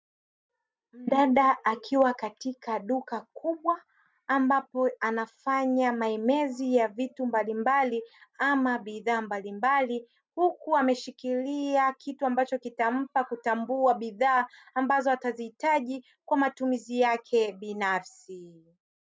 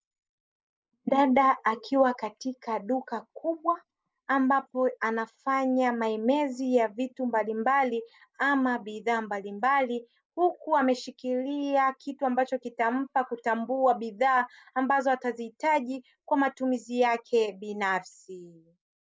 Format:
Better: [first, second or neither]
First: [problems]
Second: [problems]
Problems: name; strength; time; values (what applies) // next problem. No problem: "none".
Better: first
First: none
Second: noise reduction (neural mask model Resemble Enhance denoiser)